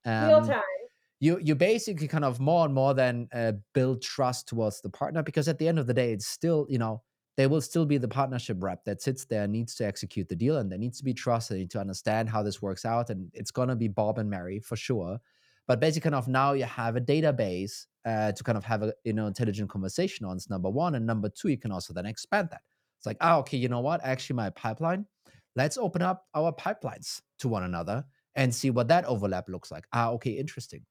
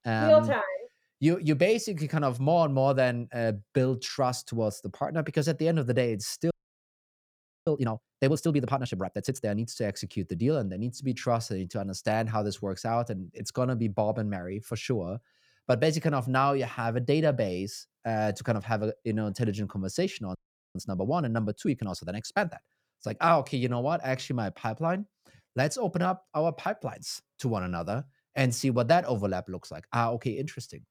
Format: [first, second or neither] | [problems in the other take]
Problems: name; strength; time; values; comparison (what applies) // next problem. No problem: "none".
first | audio freezing; at 6.5 s for 1 s and at 20 s